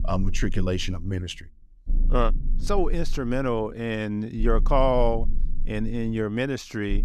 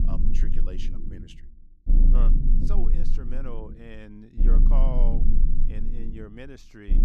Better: first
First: low rumble; faint; throughout; 25 dB below the speech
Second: low rumble; loud; throughout; 2 dB below the speech

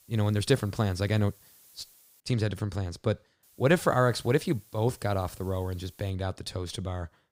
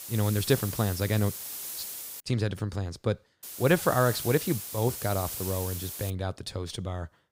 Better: first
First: hiss; faint; until 2 s and from 3.5 to 6 s; 25 dB below the speech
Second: hiss; loud; until 2 s and from 3.5 to 6 s; 7 dB below the speech

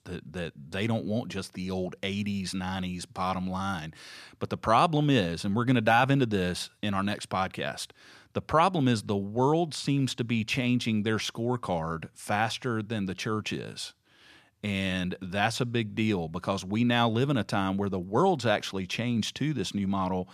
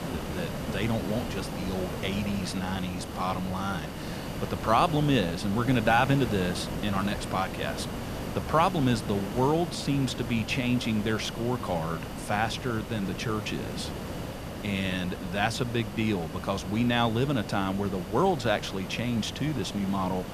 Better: first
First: none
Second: hiss; loud; throughout; 7 dB below the speech

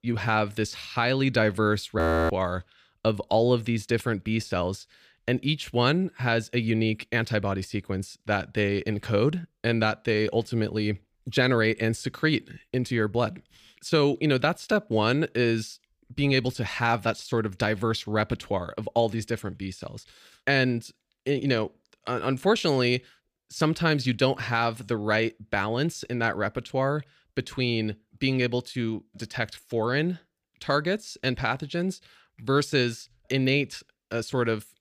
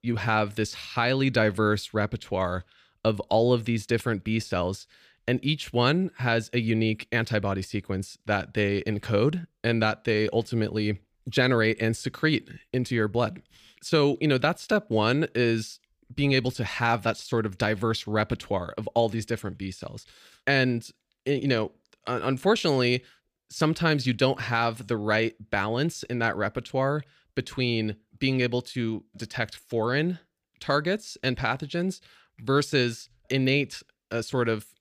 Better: second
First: audio freezing; at 2 s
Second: none

